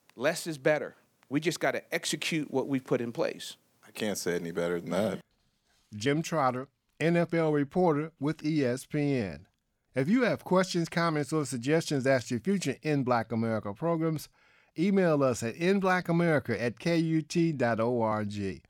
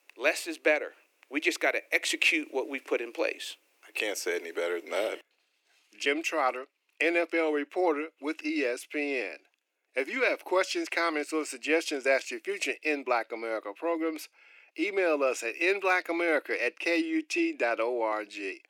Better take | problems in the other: first | thin; somewhat; fading below 300 Hz

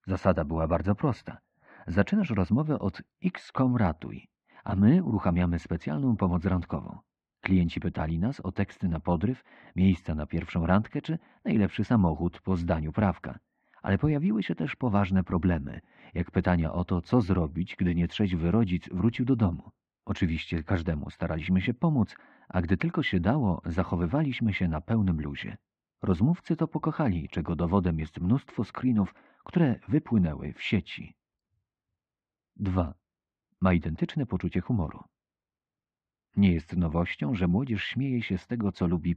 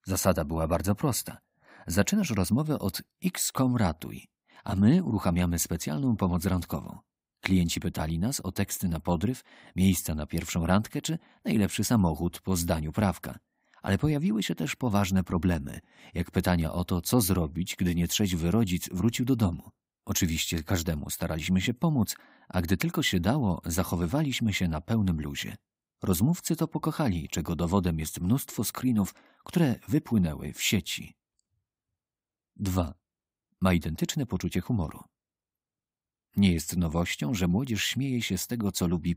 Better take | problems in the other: second | muffled; very; fading above 2.5 kHz

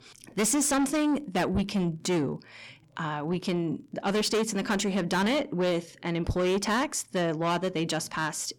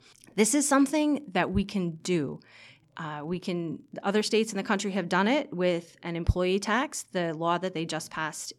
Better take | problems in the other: second | distortion; heavy; 7 dB below the speech

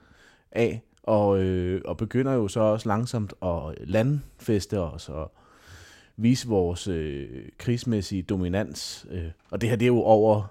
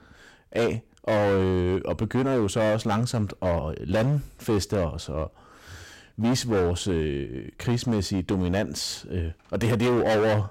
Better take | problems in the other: first | distortion; heavy; 16% of the sound clipped

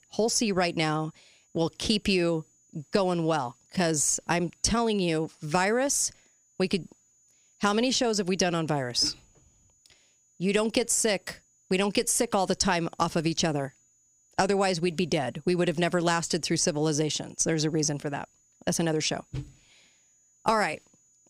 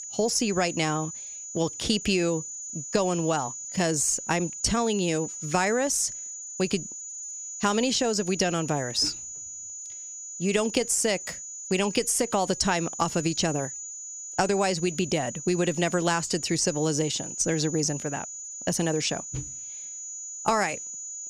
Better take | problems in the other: first | high-pitched whine; loud; throughout; 7 kHz, 9 dB below the speech; faint in the first

